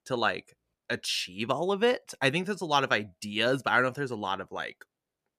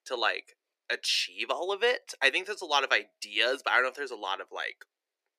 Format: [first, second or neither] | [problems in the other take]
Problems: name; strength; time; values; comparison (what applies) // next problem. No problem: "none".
first | thin; very; fading below 350 Hz